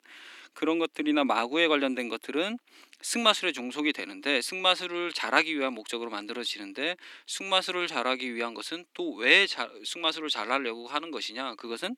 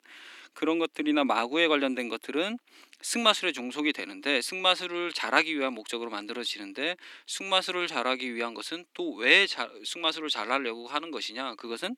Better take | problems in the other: neither | thin; somewhat; fading below 250 Hz; the same in both

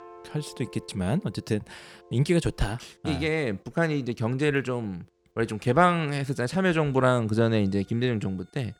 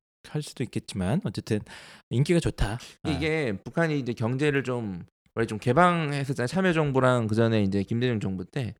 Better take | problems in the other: second | background music; faint; throughout; 25 dB below the speech

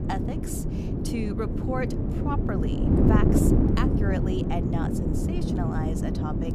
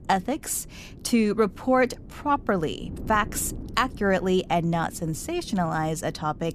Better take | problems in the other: second | wind noise on the microphone; heavy; 3 dB above the speech; occasional gusts in the second

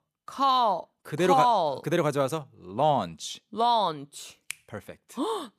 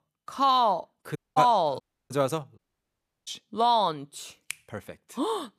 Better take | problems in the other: first | audio cutting out; at 1 s, at 2 s and at 2.5 s for 0.5 s

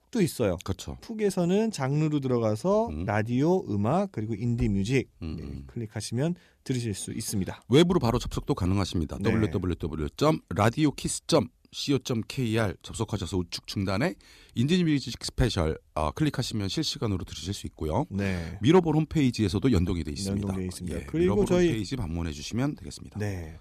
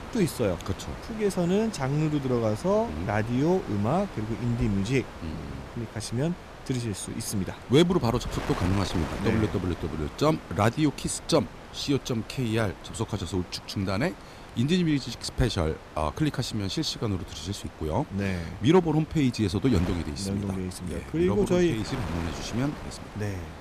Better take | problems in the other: first | wind noise on the microphone; occasional gusts; 10 dB below the speech

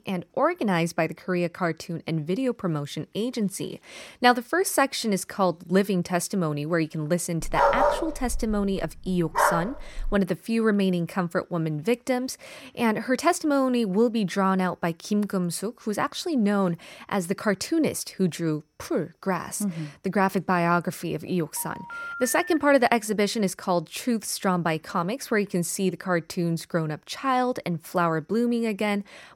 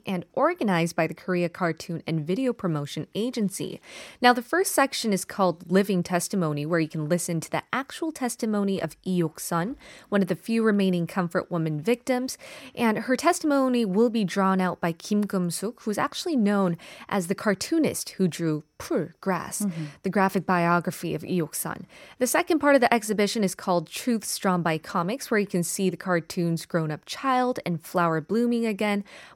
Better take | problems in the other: second | dog barking; loud; from 7.5 to 10 s; peak 5 dB above the speech // phone ringing; noticeable; from 22 to 23 s; peak 8 dB below the speech

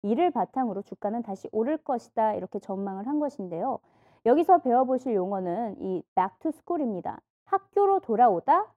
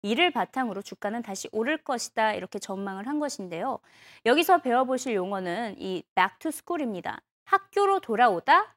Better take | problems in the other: second | muffled; very; fading above 1 kHz

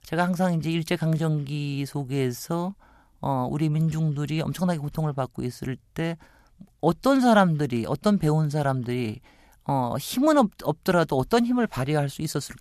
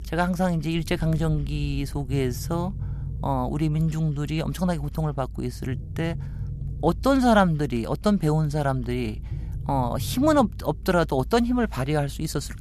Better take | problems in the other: first | low rumble; faint; throughout; 25 dB below the speech

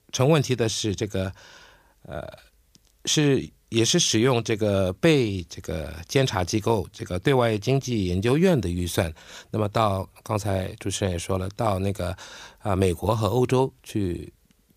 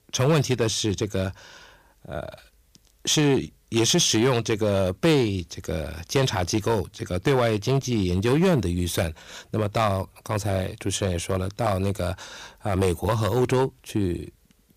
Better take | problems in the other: first | distortion; slight; 4% of the sound clipped

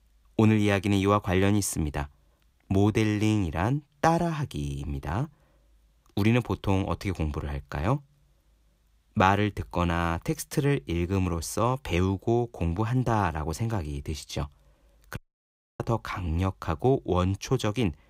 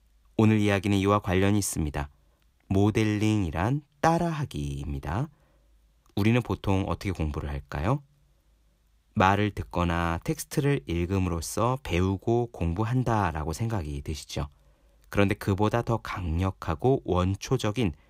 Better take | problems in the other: second | audio cutting out; at 15 s for 0.5 s

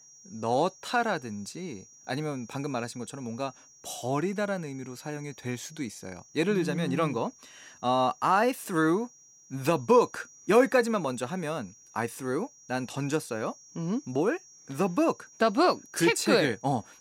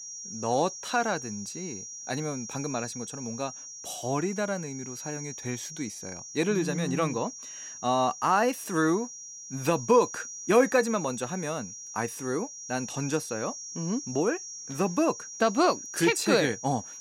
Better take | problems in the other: first | high-pitched whine; loud; throughout; 5.5 kHz, 10 dB below the speech; faint in the first

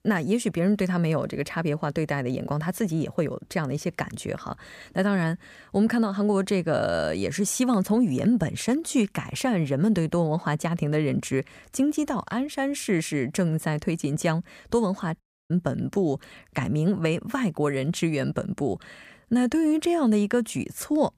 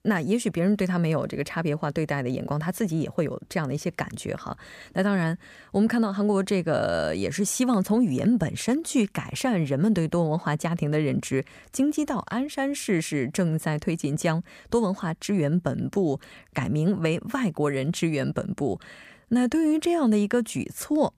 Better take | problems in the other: second | audio cutting out; at 15 s

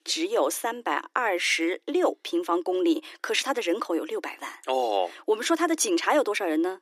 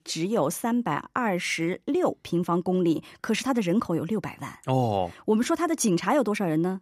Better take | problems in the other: second | thin; very; fading below 300 Hz

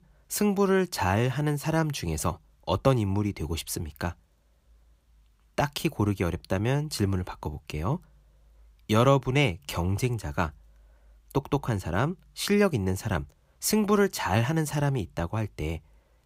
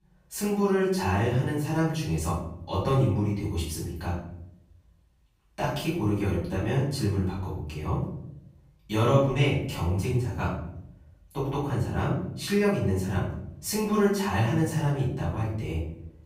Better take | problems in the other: first | room echo; noticeable; dies away in 0.7 s // off-mic speech; far

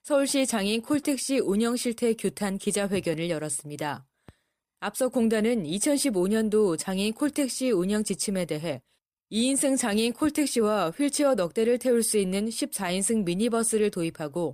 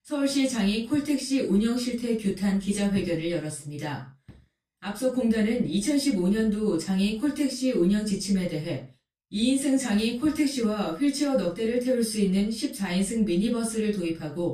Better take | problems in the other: first | room echo; slight; dies away in 0.3 s // off-mic speech; far

